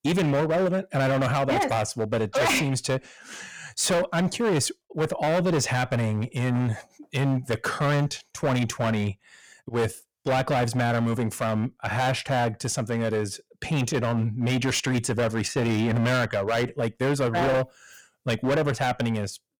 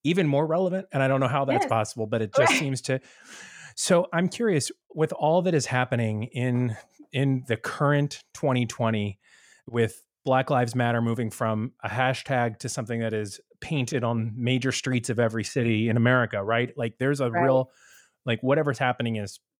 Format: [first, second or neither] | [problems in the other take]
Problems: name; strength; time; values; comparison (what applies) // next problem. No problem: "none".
second | distortion; heavy; 17% of the sound clipped